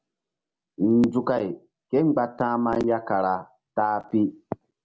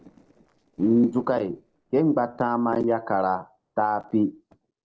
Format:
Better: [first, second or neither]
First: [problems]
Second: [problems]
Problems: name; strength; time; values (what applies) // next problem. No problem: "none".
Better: first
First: none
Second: noise reduction (neural separator model SepFormer DNS4)